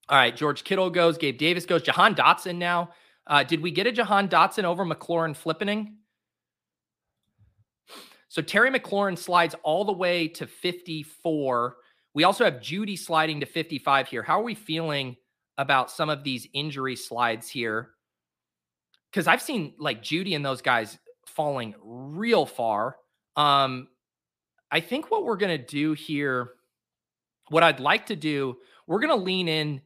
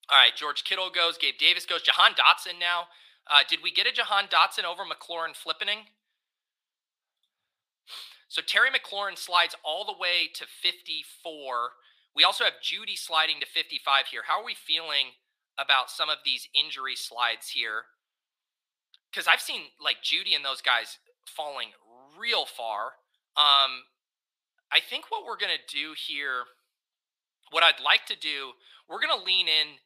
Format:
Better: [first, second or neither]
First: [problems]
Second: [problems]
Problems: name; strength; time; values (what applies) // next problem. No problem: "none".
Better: first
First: none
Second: thin; very; fading below 950 Hz